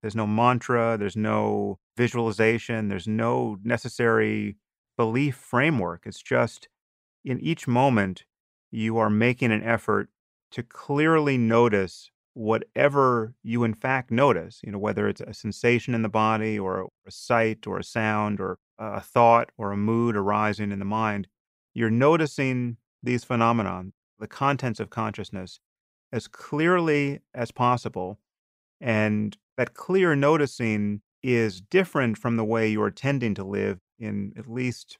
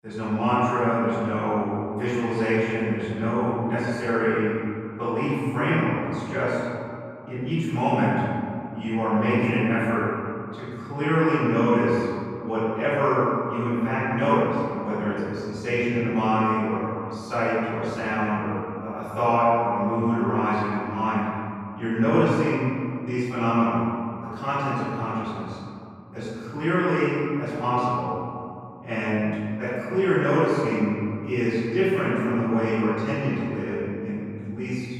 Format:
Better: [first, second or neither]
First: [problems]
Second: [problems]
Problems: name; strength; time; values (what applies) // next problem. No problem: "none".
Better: first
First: none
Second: off-mic speech; far // room echo; strong; dies away in 2.3 s